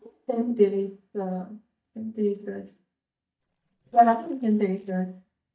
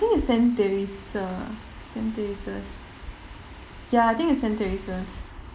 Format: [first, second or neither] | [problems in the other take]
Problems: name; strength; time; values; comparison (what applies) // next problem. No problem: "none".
second | noise reduction (neural mask model DeepFilterNet 3)